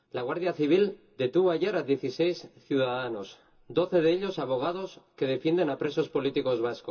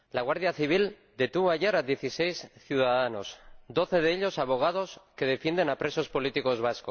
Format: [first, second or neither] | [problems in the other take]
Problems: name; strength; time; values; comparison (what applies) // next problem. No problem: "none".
second | room echo; dies away in 0.2 s